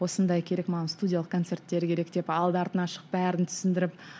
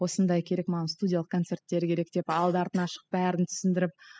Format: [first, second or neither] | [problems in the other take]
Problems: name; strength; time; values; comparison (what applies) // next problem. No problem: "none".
first | noise reduction (classical method spectral subtraction)